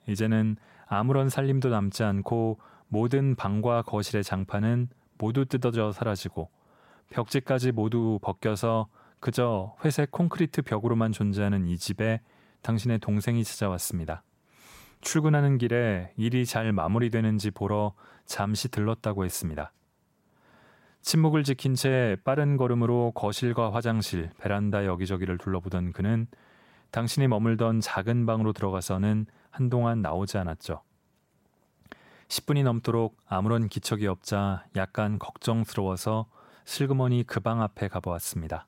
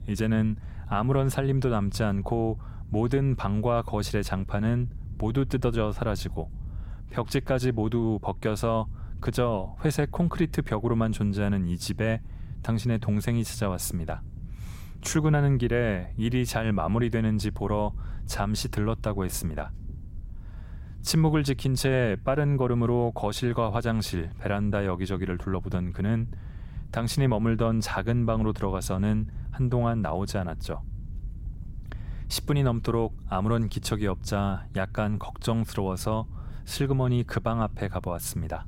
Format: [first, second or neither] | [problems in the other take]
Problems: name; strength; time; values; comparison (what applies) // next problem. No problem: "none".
first | low rumble; faint; throughout; 25 dB below the speech